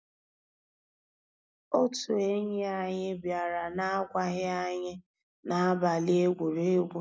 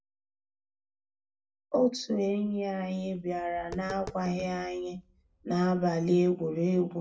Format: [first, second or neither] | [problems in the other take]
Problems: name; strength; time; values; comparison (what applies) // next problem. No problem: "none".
first | background sound (Tap); 19 dB below the speech // room echo; dies away in 0.1 s